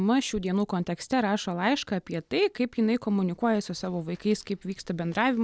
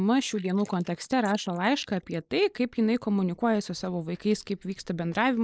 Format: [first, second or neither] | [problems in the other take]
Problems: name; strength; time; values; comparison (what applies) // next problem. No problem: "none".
first | noise reduction (neural mask model Resemble Enhance denoiser)